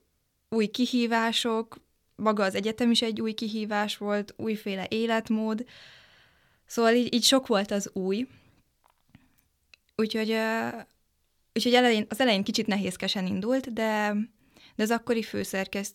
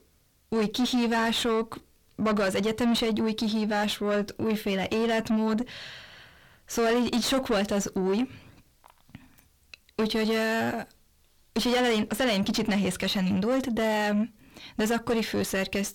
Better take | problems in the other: first | distortion; heavy; 5 dB below the speech

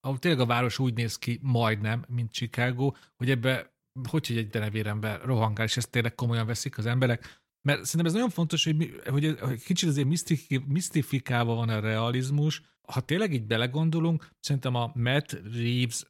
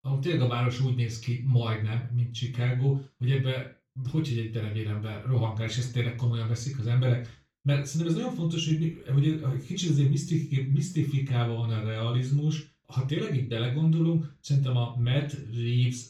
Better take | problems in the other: first | room echo; slight; dies away in 0.3 s // off-mic speech; far

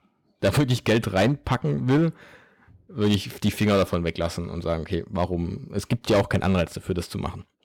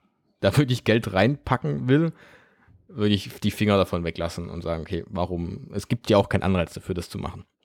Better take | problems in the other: second | distortion; slight; 5% of the sound clipped

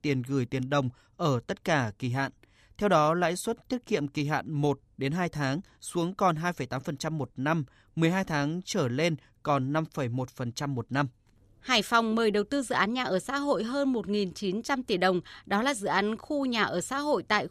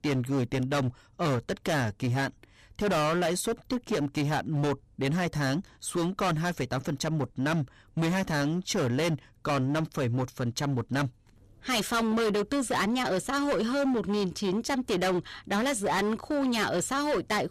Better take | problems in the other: first | distortion; heavy; 20% of the sound clipped

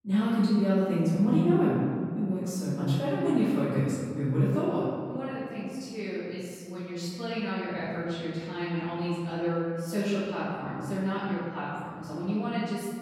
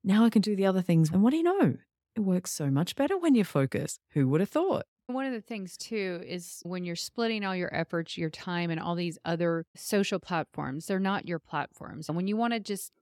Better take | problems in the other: second | off-mic speech; far // room echo; strong; dies away in 2 s

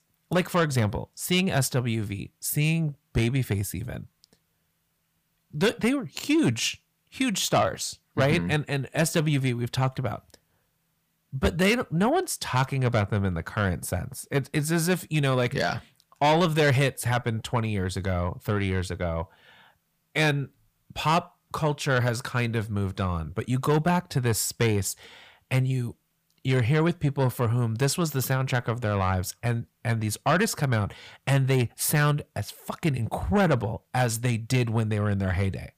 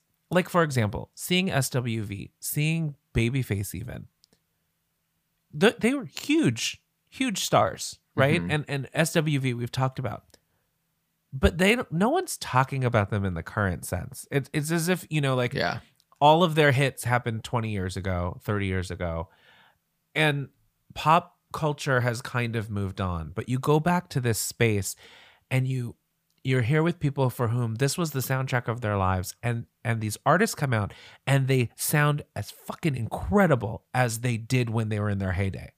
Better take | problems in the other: second | distortion; slight; 10 dB below the speech

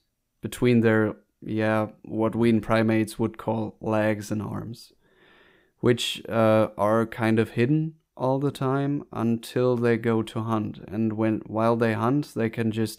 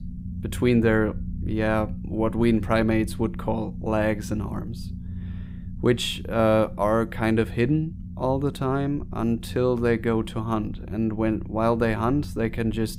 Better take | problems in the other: first | low rumble; faint; throughout; 20 dB below the speech

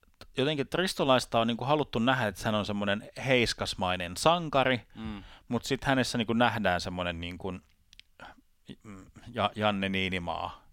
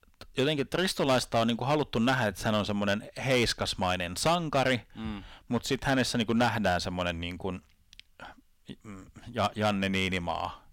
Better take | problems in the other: first | distortion; slight; 4% of the sound clipped

